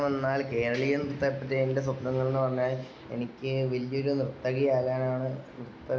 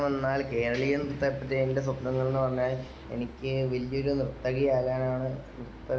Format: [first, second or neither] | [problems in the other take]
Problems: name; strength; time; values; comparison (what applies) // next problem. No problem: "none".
first | background sound (Idling); 18 dB below the speech